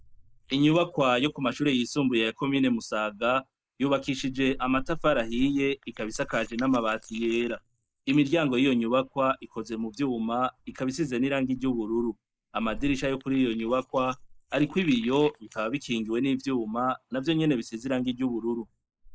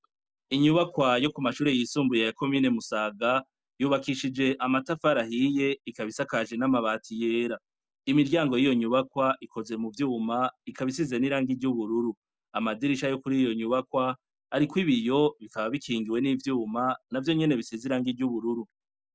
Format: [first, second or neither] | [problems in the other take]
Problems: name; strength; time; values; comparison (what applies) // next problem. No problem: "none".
second | noise reduction (neural mask model Resemble Enhance denoiser)